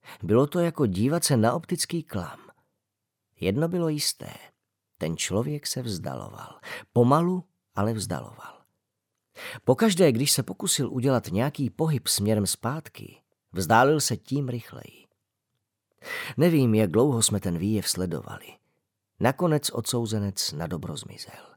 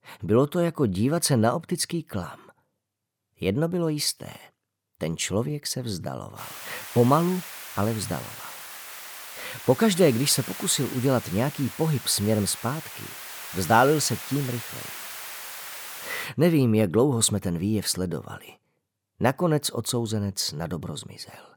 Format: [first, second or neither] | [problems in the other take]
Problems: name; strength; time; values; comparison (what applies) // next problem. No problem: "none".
first | hiss; noticeable; from 6.5 to 16 s; 10 dB below the speech